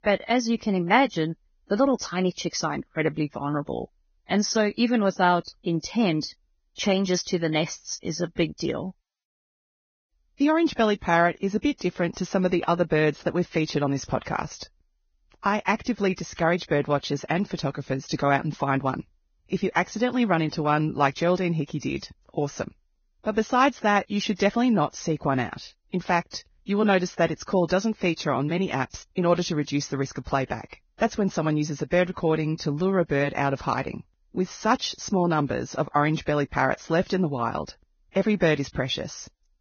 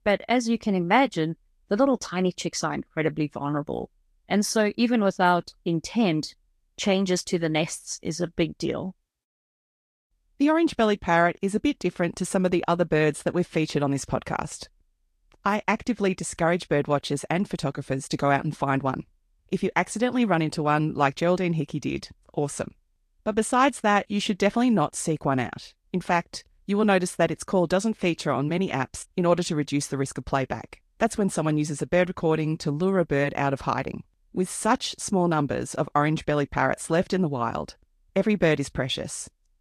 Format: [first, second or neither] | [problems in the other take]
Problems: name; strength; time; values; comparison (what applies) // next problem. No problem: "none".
second | garbled, watery; badly; nothing above 6.5 kHz; slightly in the second